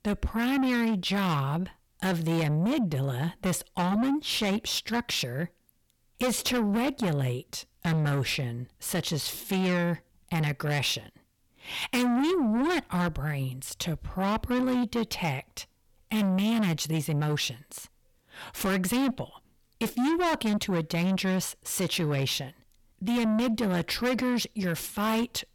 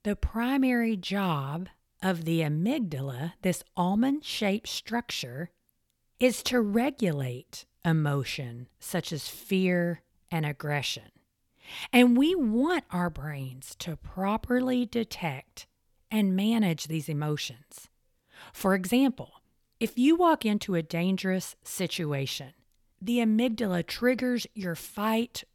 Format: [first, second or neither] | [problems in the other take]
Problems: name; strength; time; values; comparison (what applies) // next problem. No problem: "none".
second | distortion; heavy; 6 dB below the speech